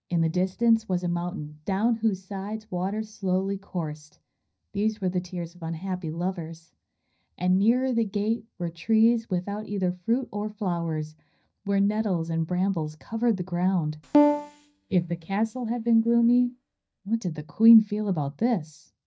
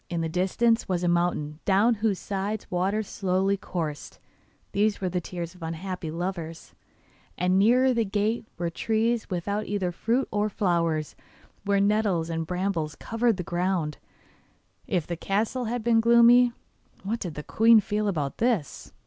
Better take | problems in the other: second | noise reduction (neural mask model DeepFilterNet 3)

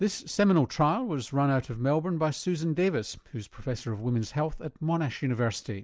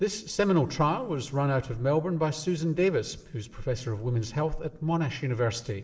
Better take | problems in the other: first | room echo; dies away in 1.7 s

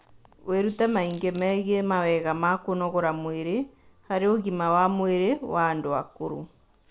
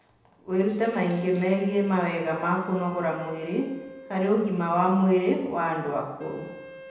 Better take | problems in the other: first | background sound (Wind instrument, woodwind instrument); 20 dB below the speech // room echo; dies away in 0.9 s

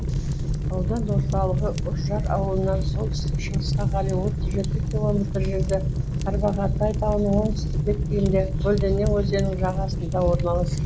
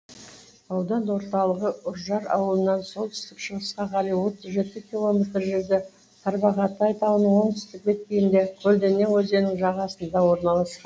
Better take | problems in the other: second | background sound (Fire); 2 dB above the speech

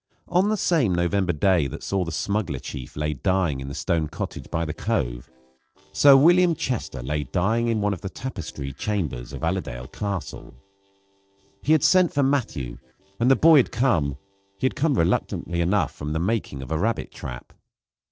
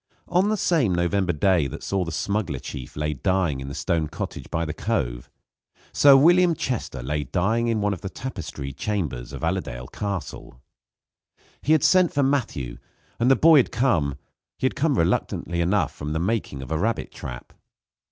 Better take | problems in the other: second | noise reduction (neural separator model SepFormer DNS4)

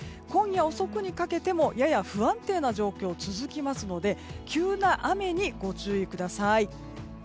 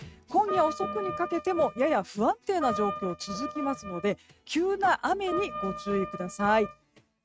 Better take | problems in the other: first | noise reduction (neural mask model RNNoise)

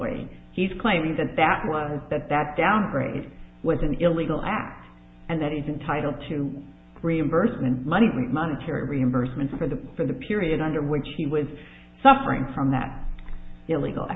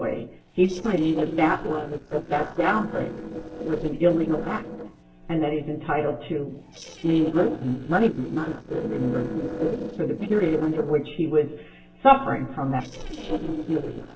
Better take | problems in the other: first | noise reduction (neural separator model SepFormer DNS4)

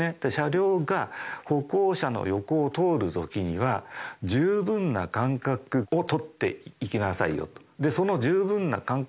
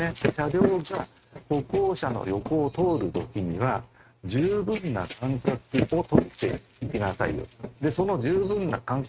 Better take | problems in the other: first | noise reduction (neural mask model RNNoise)

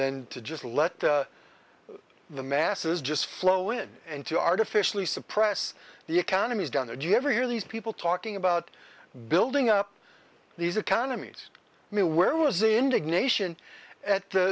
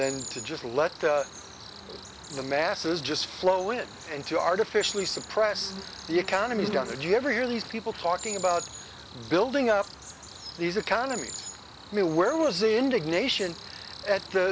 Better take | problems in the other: first | background sound (Cricket); 13 dB below the speech

